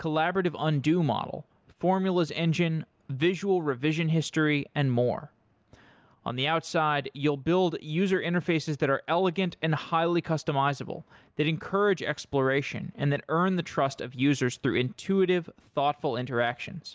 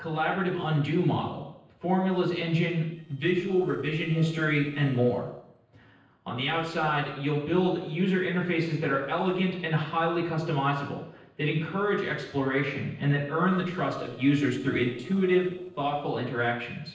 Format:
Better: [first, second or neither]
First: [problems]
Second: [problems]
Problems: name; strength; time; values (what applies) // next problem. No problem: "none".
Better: first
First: none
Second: noise reduction (neural separator model SepFormer DNS4)